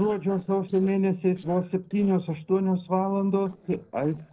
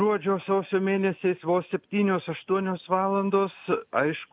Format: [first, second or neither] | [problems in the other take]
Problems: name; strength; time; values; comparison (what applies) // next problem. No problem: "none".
second | noise reduction (neural separator model SepFormer DNS4)